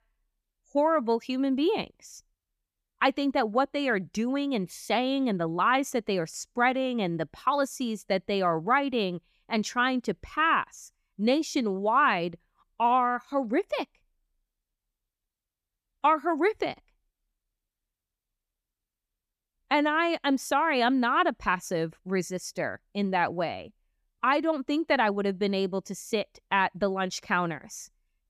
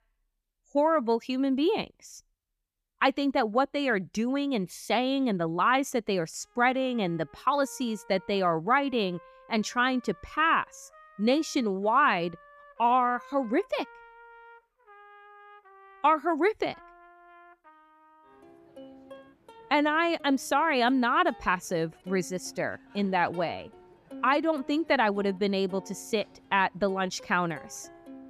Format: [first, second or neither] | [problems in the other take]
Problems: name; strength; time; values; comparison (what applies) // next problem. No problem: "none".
first | background music; faint; from 7 s on; 25 dB below the speech